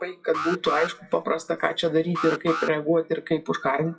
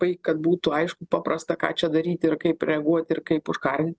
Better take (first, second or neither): second